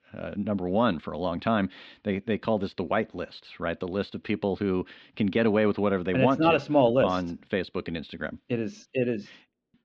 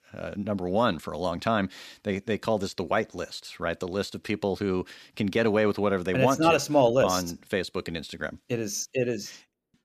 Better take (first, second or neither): second